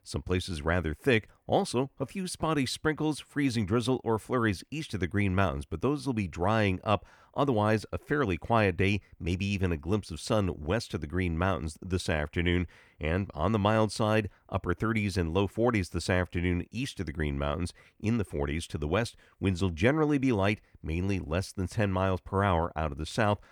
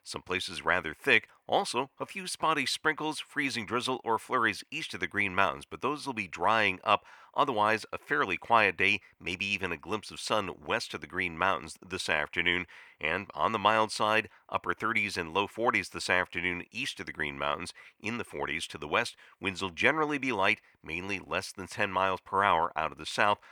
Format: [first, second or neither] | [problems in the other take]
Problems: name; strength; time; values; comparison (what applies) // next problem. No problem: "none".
first | thin; somewhat; fading below 650 Hz